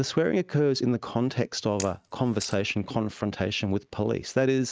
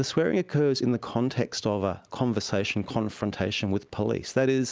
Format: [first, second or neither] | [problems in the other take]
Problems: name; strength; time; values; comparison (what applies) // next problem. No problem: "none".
second | noise reduction (neural mask model RNNoise)